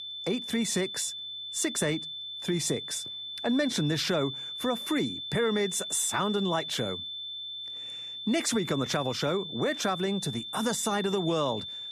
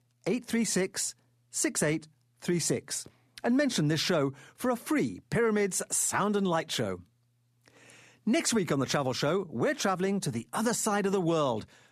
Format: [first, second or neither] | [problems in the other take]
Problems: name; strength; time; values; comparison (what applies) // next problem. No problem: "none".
second | high-pitched whine; loud; throughout; 3.5 kHz, 6 dB below the speech